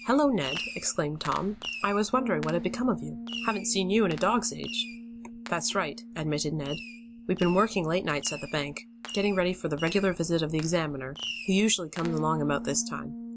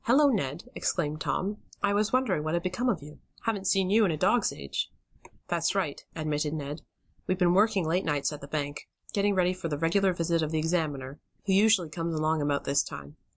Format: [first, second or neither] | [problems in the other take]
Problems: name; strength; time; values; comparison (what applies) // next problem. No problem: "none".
second | background sound (Bass guitar + Fireworks); 11 dB below the speech